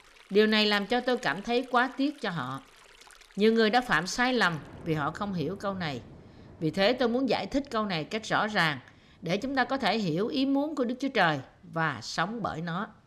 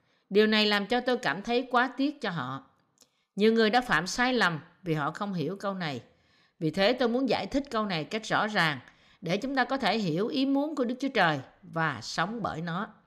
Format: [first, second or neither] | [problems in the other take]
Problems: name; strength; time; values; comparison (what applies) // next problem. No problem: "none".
second | rain or running water; faint; throughout; 25 dB below the speech